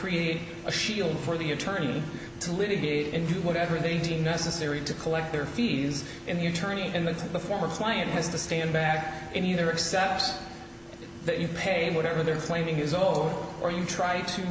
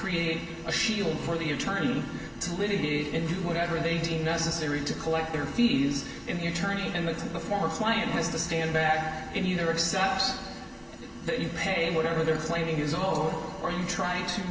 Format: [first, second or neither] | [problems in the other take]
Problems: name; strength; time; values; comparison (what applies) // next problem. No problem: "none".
first | room echo; dies away in 2.7 s